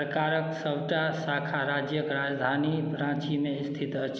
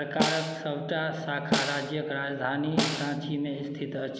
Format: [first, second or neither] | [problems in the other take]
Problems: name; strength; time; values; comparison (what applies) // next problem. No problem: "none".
first | background sound (Snare drum); 3 dB below the speech